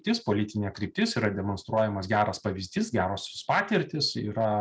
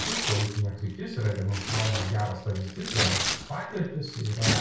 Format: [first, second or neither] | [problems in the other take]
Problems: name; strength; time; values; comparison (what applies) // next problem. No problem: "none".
first | background sound (Tearing); 3 dB below the speech // room echo; dies away in 0.6 s